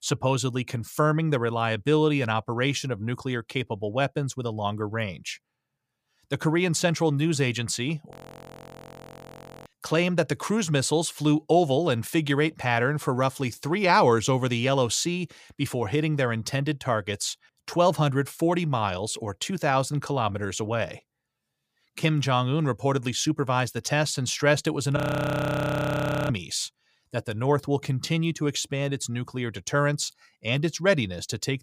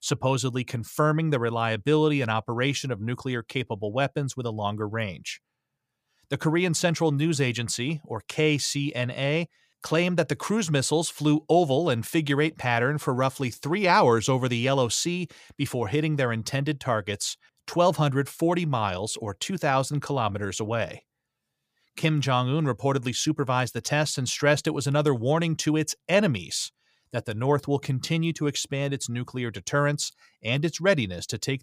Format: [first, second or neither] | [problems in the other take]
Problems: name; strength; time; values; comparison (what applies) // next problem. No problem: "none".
second | audio freezing; at 8 s for 1.5 s and at 25 s for 1.5 s